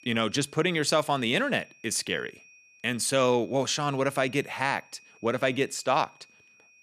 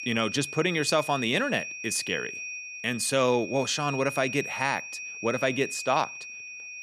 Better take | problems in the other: first | high-pitched whine; loud; throughout; 2.5 kHz, 8 dB below the speech; faint in the first

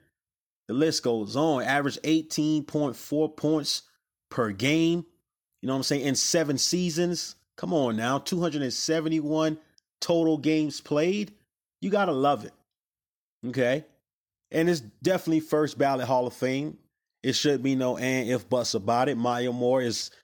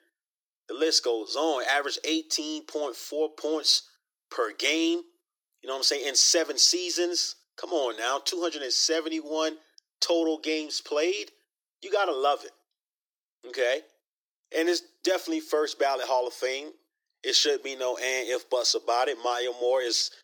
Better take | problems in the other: first | thin; very; fading below 350 Hz

